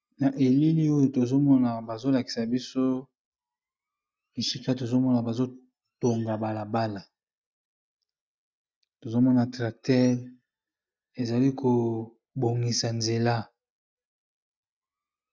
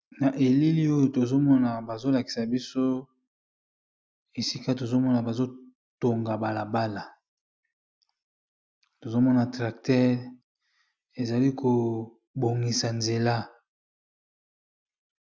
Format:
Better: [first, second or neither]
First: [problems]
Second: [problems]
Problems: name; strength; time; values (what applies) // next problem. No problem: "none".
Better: second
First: noise reduction (neural mask model DeepFilterNet 3)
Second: none